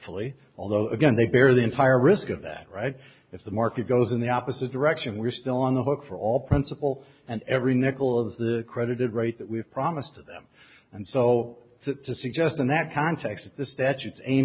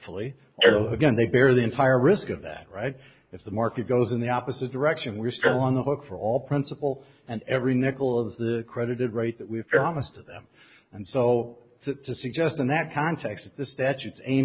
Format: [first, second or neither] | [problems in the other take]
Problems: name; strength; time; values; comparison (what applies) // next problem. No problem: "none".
first | noise reduction (neural mask model Resemble Enhance denoiser)